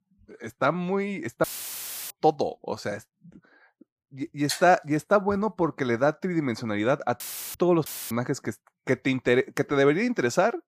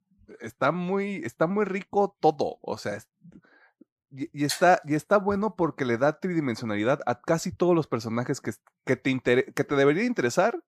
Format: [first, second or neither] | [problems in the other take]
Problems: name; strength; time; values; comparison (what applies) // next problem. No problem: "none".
second | audio cutting out; filled with static; at 1.5 s for 0.5 s, at 7 s and at 8 s